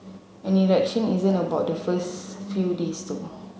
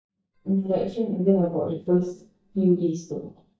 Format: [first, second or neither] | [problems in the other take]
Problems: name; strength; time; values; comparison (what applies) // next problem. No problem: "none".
first | noise reduction (neural mask model DeepFilterNet 3)